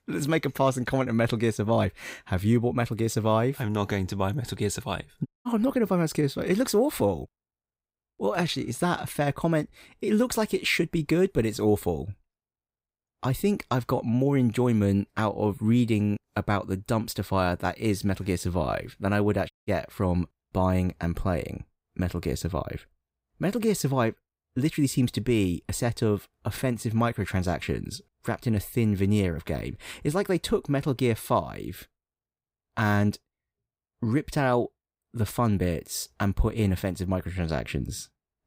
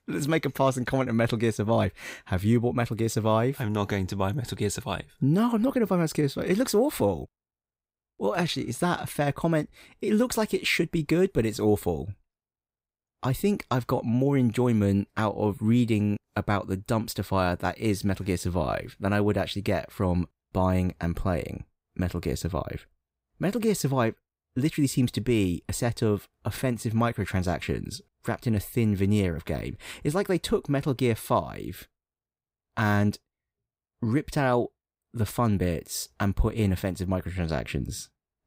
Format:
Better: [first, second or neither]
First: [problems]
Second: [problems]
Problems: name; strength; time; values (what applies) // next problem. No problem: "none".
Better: second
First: audio cutting out; at 5.5 s and at 20 s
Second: none